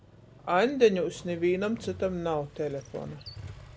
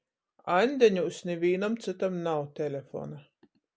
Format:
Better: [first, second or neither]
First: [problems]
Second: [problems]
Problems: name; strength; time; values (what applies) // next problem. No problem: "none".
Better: second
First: background sound (Motorcycle); 18 dB below the speech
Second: none